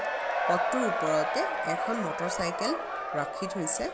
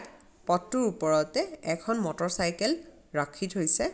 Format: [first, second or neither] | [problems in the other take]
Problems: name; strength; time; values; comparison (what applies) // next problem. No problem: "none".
second | background sound (Crowd / Cheering); 2 dB above the speech